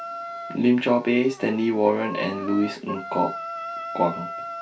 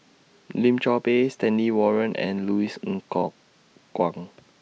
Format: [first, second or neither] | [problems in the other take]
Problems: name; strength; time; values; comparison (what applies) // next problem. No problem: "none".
second | background sound (Wind instrument, woodwind instrument); 11 dB below the speech // room echo; dies away in 0.2 s